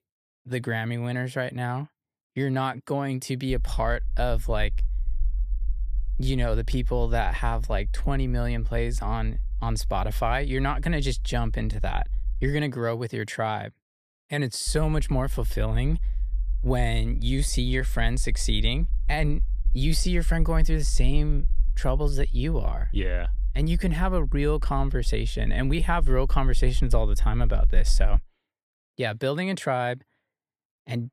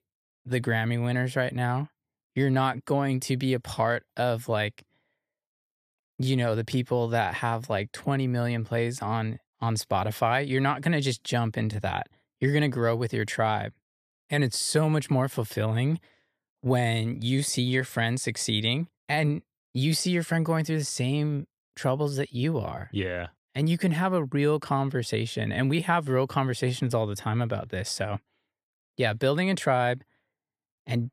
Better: second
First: low rumble; faint; from 3.5 to 13 s and from 15 to 28 s; 25 dB below the speech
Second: none

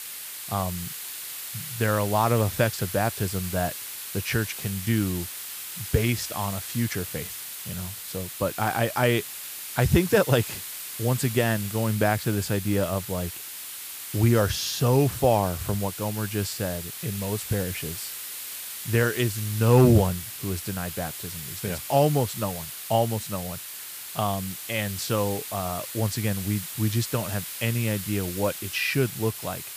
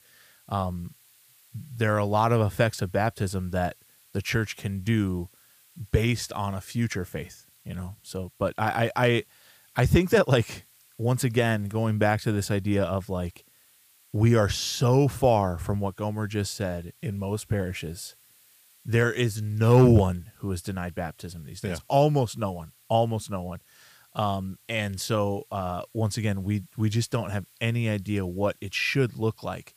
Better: second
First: hiss; loud; throughout; 8 dB below the speech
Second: hiss; faint; throughout; 30 dB below the speech

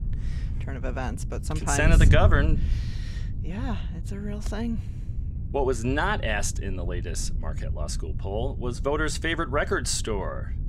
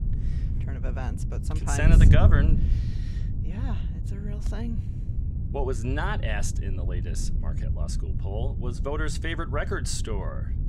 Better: first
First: wind noise on the microphone; occasional gusts; 15 dB below the speech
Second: wind noise on the microphone; heavy; 8 dB below the speech

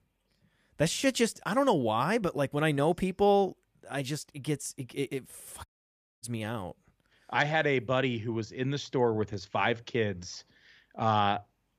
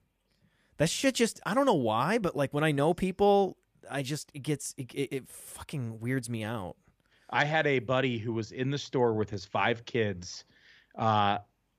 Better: second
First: audio cutting out; at 5.5 s for 0.5 s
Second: none

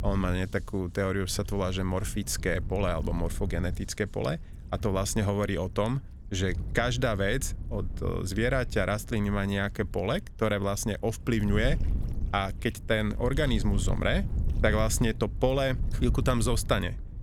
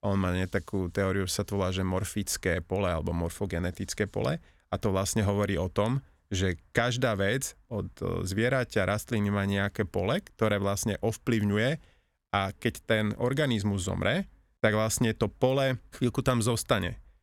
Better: second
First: wind noise on the microphone; occasional gusts; 20 dB below the speech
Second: none

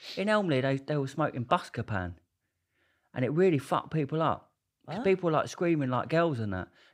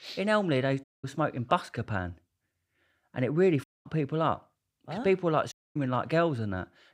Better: first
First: none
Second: audio cutting out; at 1 s, at 3.5 s and at 5.5 s

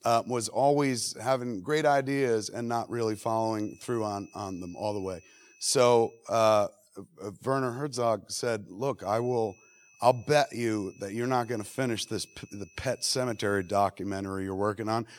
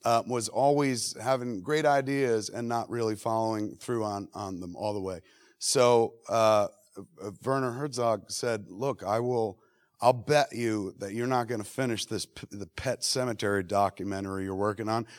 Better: second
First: high-pitched whine; faint; from 3 to 6 s and from 9 to 14 s; 2.5 kHz, 30 dB below the speech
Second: none

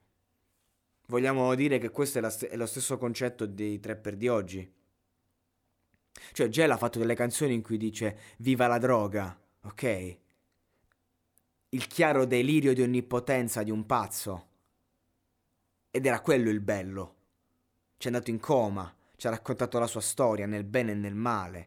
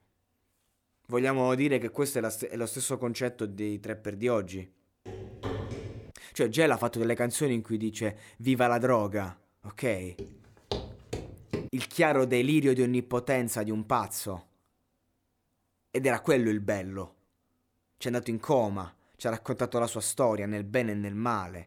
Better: first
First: none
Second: footsteps; noticeable; from 5 to 6 s and from 10 to 12 s; peak 7 dB below the speech

